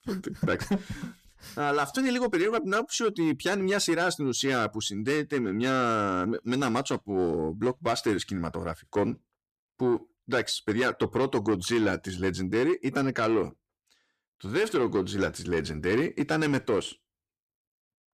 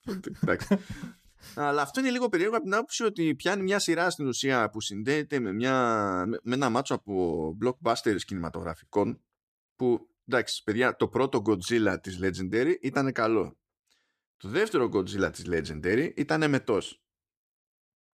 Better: second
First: distortion; slight; 10 dB below the speech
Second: none

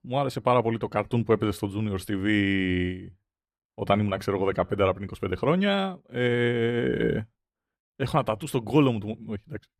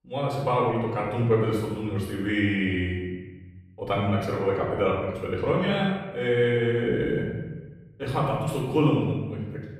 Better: first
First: none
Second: off-mic speech; far // room echo; noticeable; dies away in 1.1 s

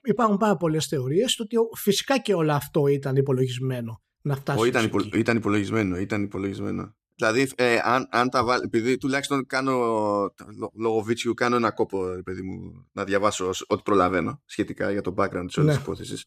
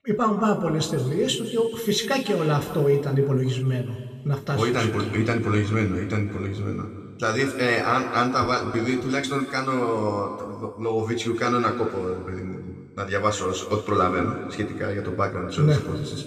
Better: first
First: none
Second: room echo; noticeable; dies away in 1.9 s // off-mic speech; somewhat distant

